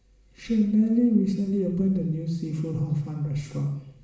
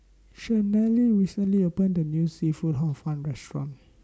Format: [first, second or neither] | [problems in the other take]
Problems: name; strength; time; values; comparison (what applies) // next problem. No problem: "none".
second | room echo; dies away in 0.7 s